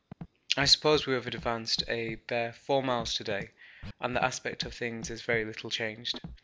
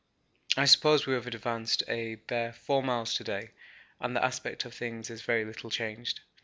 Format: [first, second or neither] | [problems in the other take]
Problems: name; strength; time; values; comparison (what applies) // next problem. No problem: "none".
second | background sound (Scratching (performance technique)); 16 dB below the speech